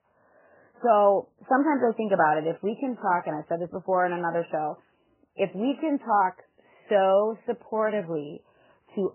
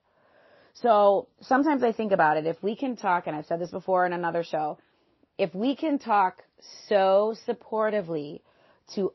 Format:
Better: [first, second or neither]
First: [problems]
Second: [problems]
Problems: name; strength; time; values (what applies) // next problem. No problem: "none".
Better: second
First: garbled, watery; badly; nothing above 3 kHz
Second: garbled, watery; slightly; nothing above 5.5 kHz